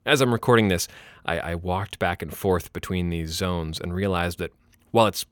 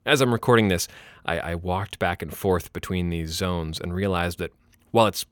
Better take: neither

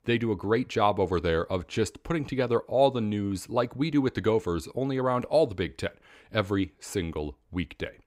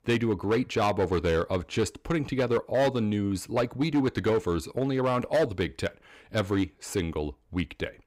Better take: first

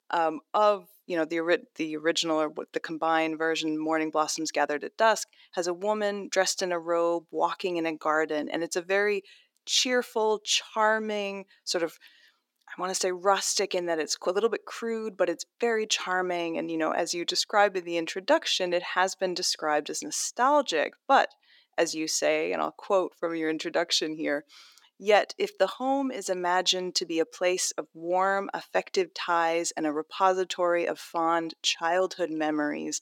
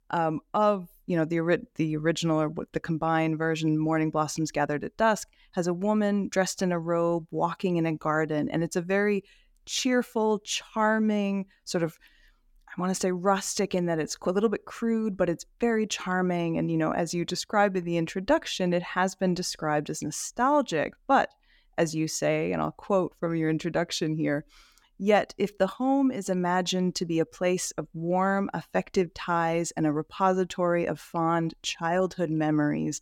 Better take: second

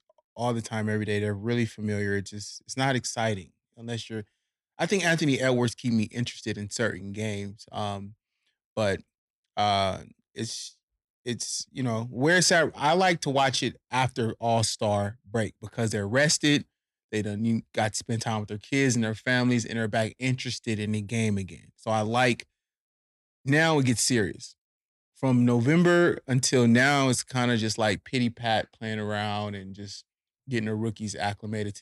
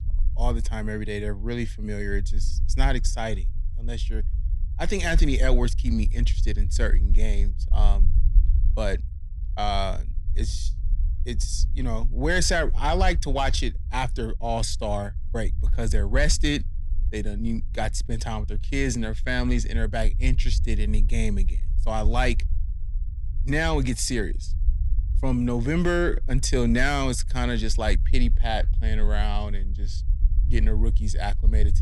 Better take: first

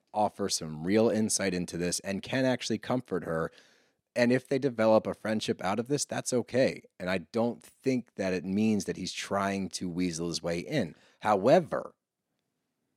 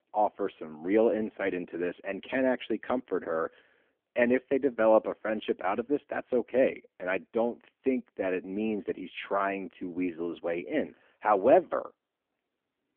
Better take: first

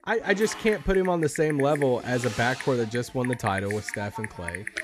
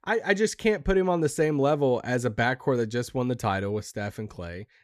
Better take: second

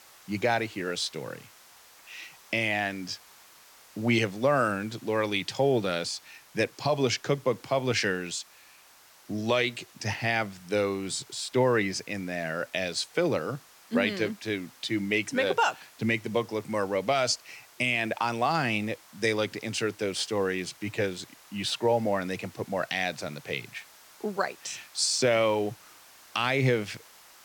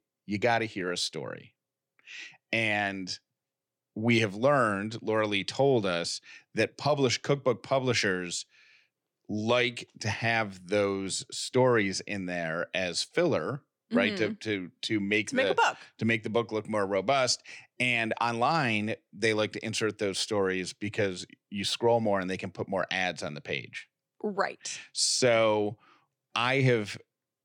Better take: second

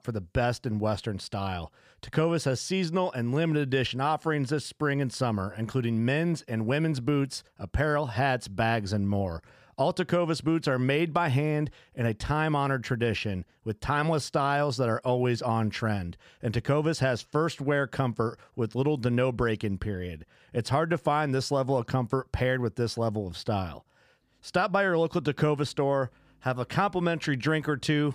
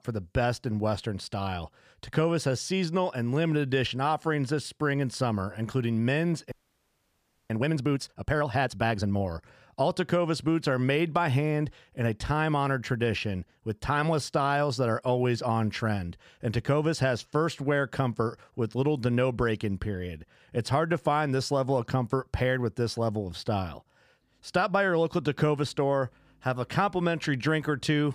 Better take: first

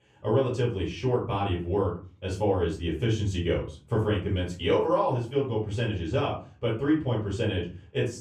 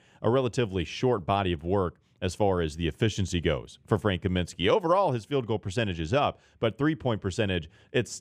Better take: second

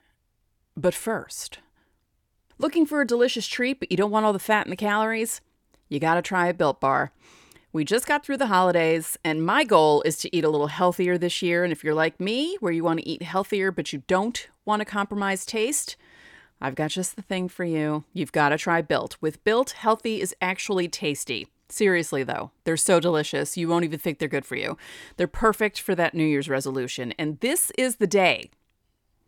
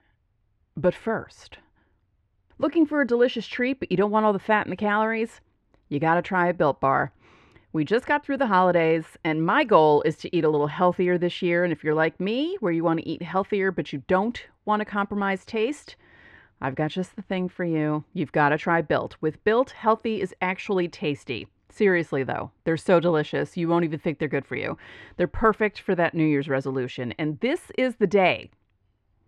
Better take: first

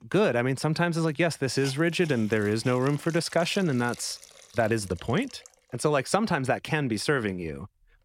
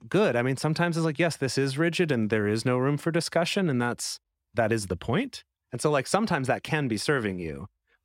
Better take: second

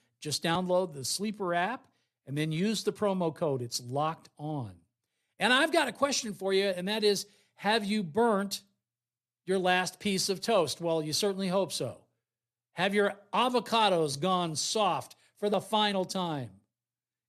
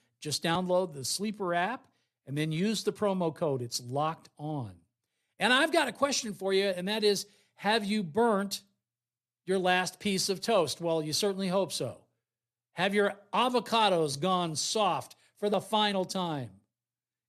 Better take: neither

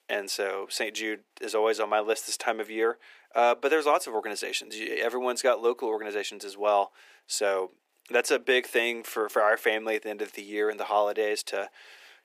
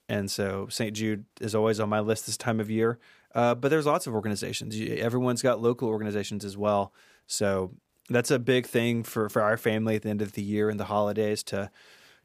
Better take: second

